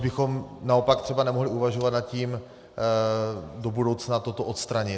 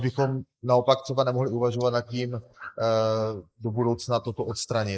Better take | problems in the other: first | noise reduction (neural mask model Resemble Enhance denoiser)

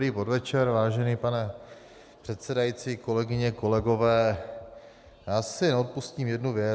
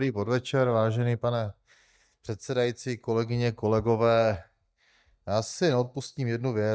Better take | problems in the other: first | noise reduction (neural mask model DeepFilterNet 3)

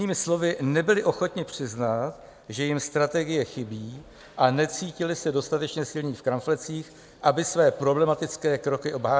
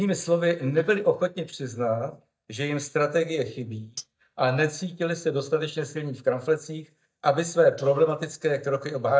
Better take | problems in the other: first | noise reduction (neural mask model DeepFilterNet 3)

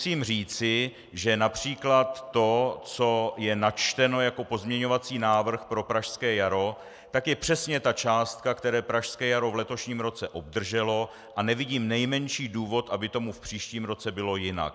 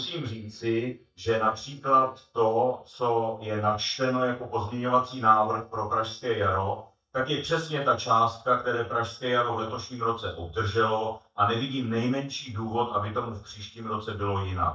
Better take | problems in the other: first | noise reduction (neural mask model DeepFilterNet 3)

